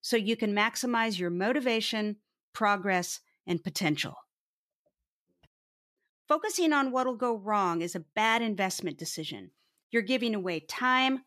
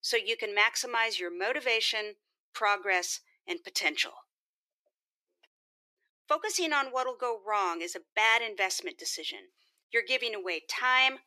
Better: first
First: none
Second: thin; very; fading below 350 Hz

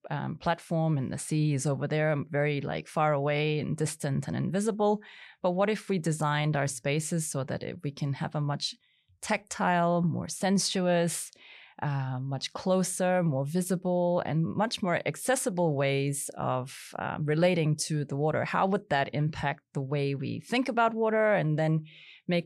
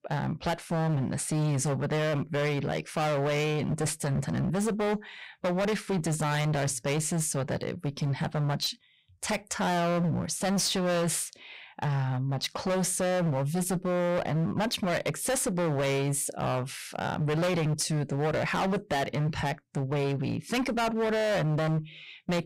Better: first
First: none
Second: distortion; heavy; 25% of the sound clipped

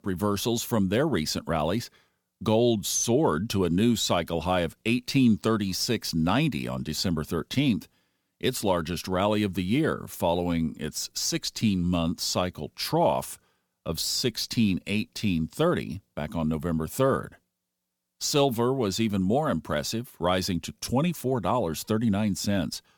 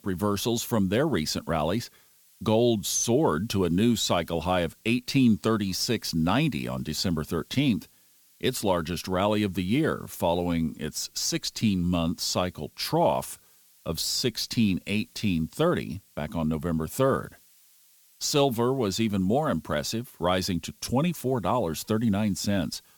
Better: first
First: none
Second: hiss; faint; throughout; 30 dB below the speech

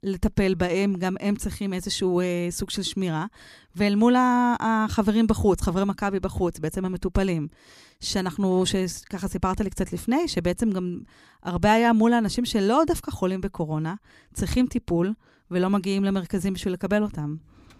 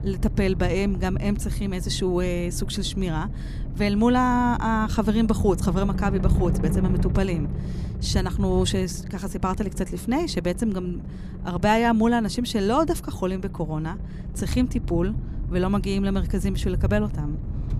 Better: first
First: none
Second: low rumble; noticeable; throughout; 15 dB below the speech

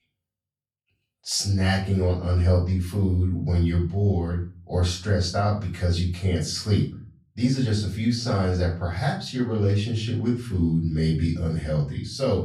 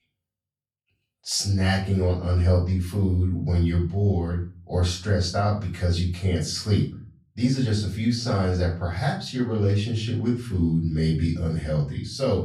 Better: neither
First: off-mic speech; far // room echo; slight; dies away in 0.3 s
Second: off-mic speech; far // room echo; slight; dies away in 0.3 s

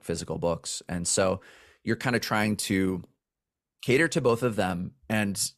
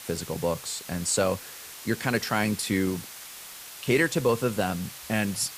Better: first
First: none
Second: hiss; noticeable; throughout; 10 dB below the speech

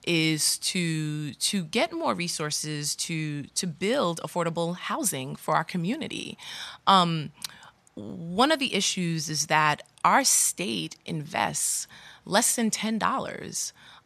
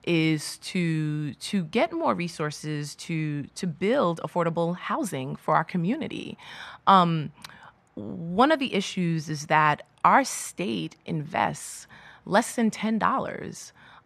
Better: first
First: none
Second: muffled; slightly; fading above 3 kHz

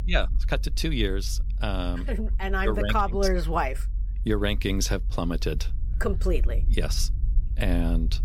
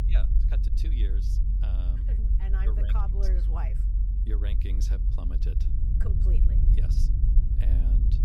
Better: first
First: low rumble; faint; throughout; 20 dB below the speech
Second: low rumble; loud; throughout; 1 dB below the speech

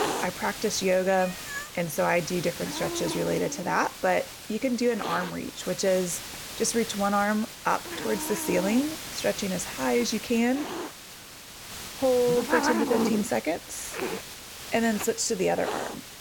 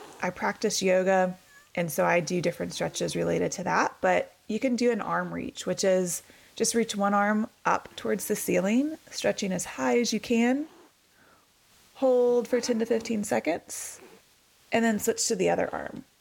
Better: second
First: hiss; loud; throughout; 7 dB below the speech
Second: hiss; faint; throughout; 25 dB below the speech

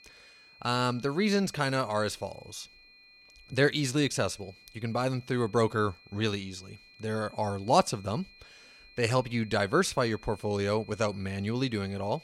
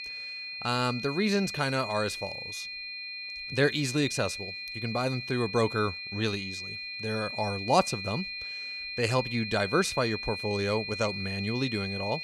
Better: first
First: high-pitched whine; faint; throughout; 2.5 kHz, 25 dB below the speech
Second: high-pitched whine; loud; throughout; 2.5 kHz, 6 dB below the speech

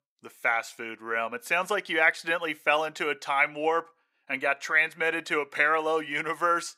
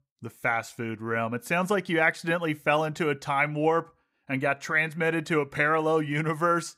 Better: second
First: thin; somewhat; fading below 450 Hz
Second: none

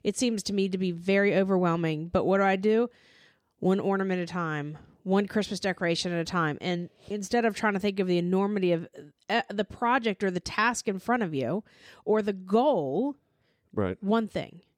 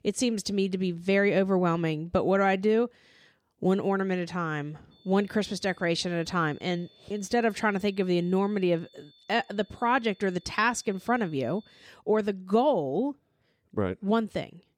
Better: first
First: none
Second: high-pitched whine; faint; from 5 to 12 s; 3.5 kHz, 30 dB below the speech

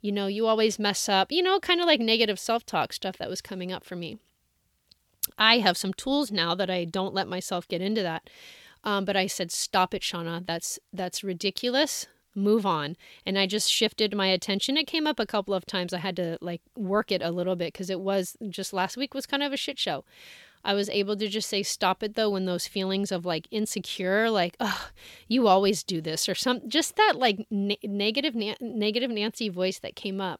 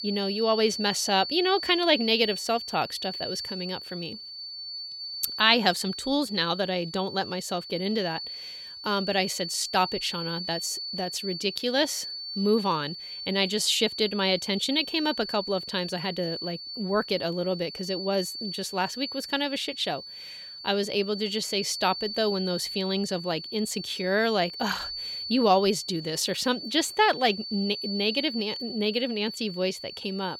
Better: first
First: none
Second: high-pitched whine; loud; throughout; 4.5 kHz, 8 dB below the speech

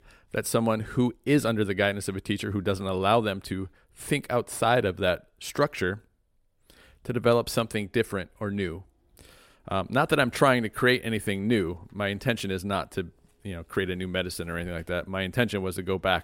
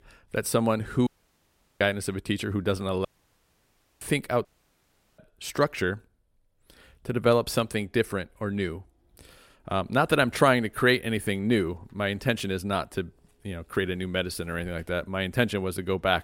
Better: first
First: none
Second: audio cutting out; at 1 s for 0.5 s, at 3 s for 1 s and at 4.5 s for 0.5 s

